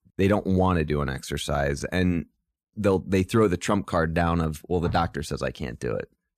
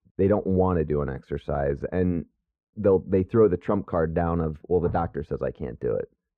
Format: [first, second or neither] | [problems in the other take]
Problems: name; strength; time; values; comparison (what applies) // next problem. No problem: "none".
first | muffled; very; fading above 3.5 kHz